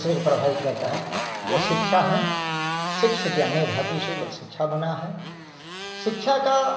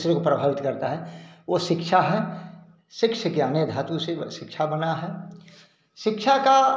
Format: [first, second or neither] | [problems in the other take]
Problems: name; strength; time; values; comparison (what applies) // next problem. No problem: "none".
second | background sound (Motorcycle); 4 dB below the speech // room echo; dies away in 0.8 s